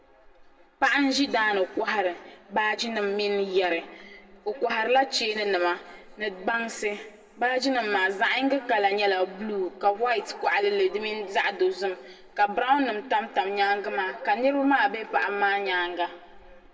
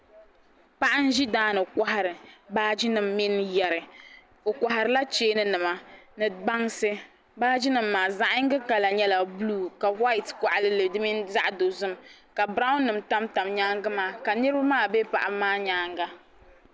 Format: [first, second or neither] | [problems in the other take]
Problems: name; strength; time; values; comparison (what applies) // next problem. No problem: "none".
second | room echo; dies away in 1.7 s